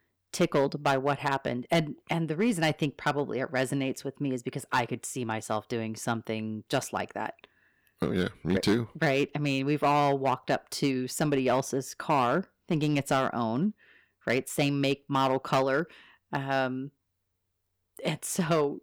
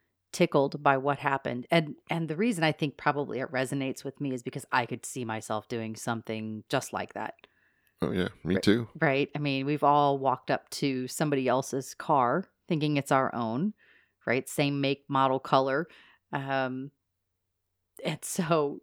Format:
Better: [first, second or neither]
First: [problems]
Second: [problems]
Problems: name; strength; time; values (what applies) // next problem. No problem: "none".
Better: second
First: distortion; slight; 4% of the sound clipped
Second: none